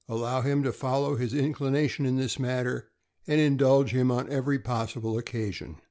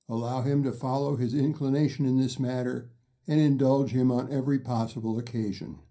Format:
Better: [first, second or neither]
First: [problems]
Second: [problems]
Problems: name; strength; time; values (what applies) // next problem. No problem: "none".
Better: first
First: none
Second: room echo; dies away in 0.3 s